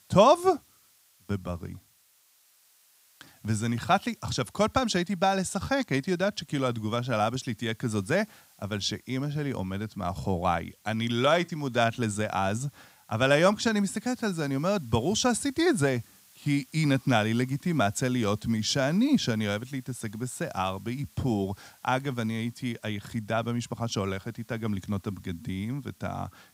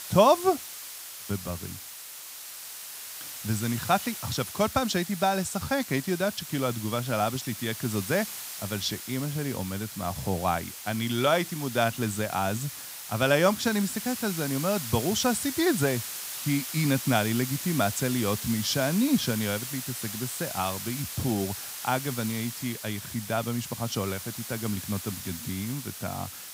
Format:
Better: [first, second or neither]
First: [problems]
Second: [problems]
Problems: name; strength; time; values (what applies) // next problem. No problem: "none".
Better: first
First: hiss; faint; throughout; 30 dB below the speech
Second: hiss; loud; throughout; 7 dB below the speech